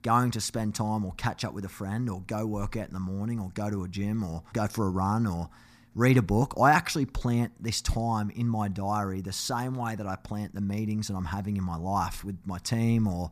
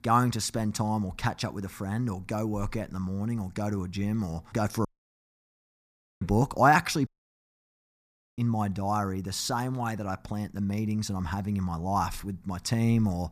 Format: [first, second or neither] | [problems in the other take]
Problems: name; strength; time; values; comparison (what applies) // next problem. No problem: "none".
first | audio cutting out; at 5 s for 1.5 s and at 7 s for 1.5 s